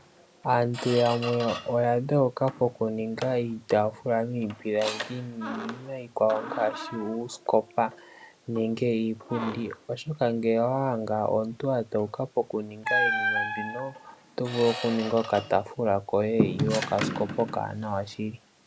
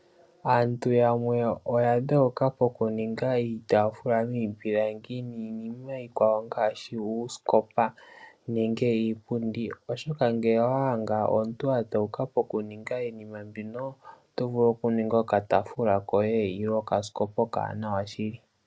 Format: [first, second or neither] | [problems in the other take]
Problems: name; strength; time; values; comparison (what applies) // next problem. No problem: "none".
second | background sound (Squeak); 8 dB below the speech